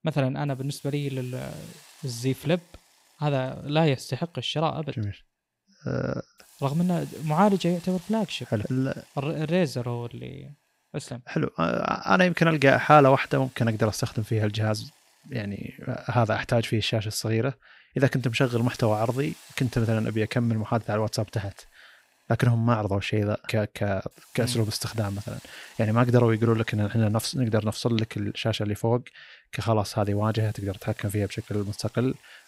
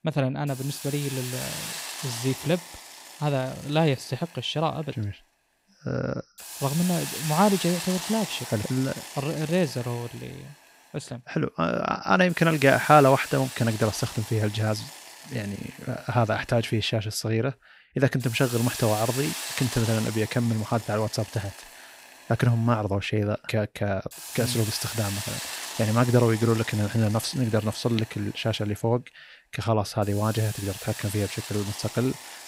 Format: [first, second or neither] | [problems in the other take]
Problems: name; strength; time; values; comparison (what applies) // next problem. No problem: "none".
first | hiss; loud; throughout; 9 dB below the speech; faint in the first